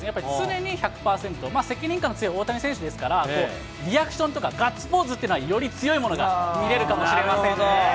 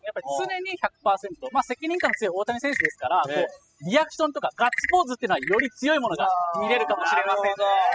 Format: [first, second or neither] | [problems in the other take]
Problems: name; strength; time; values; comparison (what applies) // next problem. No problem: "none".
first | noise reduction (classical method spectral subtraction)